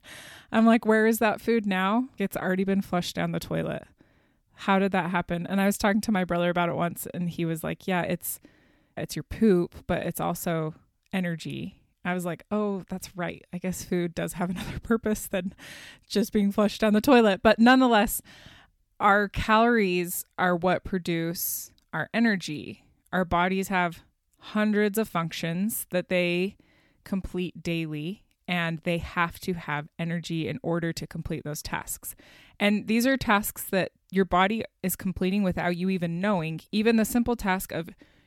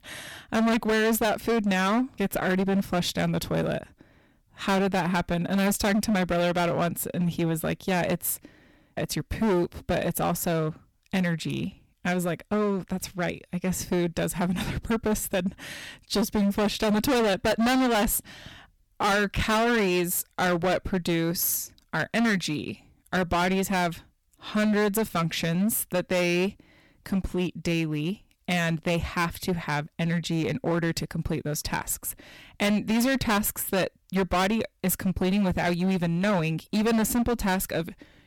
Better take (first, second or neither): first